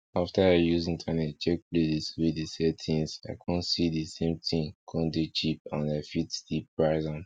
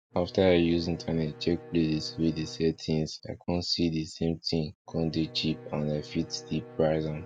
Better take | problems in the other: first | background sound (Bowed string instrument); 19 dB below the speech

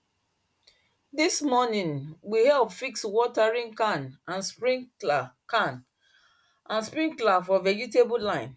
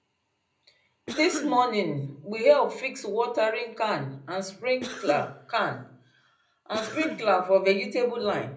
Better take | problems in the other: first | background sound (Cough); 12 dB below the speech // room echo; dies away in 0.5 s

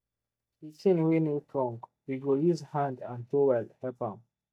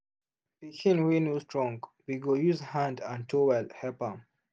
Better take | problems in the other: second | noise reduction (neural mask model DeepFilterNet 3)

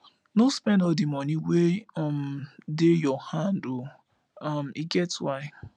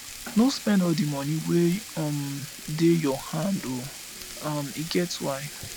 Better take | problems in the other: first | background sound (Frying (food)); 13 dB below the speech

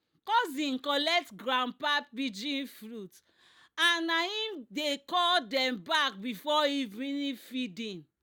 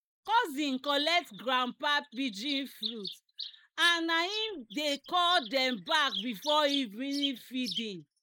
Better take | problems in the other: first | noise reduction (neural mask model Resemble Enhance denoiser)

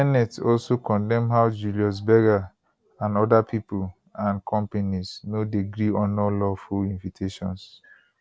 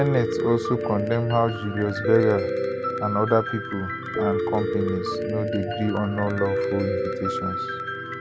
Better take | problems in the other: first | background sound (Piano); 1 dB below the speech

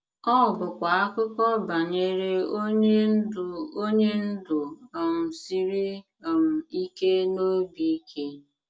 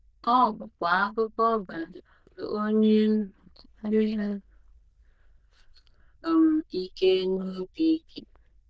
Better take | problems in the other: first | noise reduction (neural diffusion model UNIVERSE++)

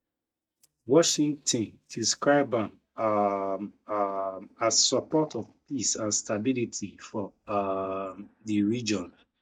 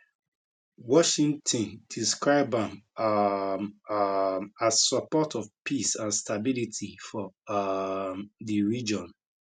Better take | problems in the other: second | noise reduction (neural mask model DeepFilterNet 3)

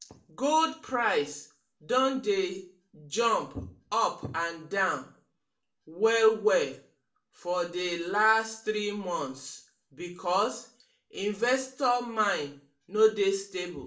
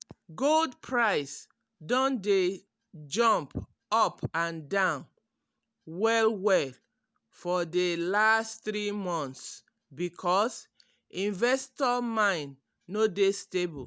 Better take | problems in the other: second | room echo; dies away in 0.3 s

